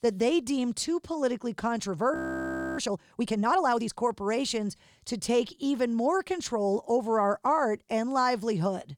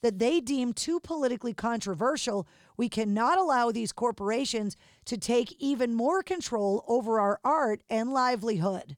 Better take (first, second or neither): second